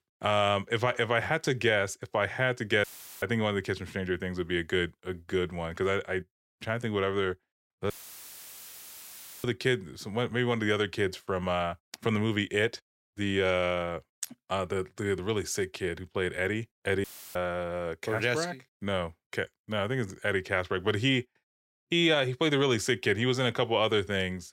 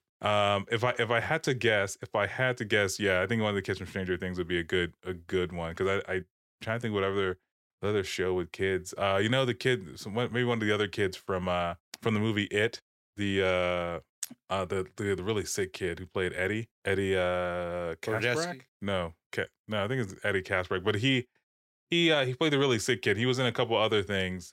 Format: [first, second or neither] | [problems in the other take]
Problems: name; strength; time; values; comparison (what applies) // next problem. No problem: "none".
second | audio cutting out; filled with static; at 3 s, at 8 s for 1.5 s and at 17 s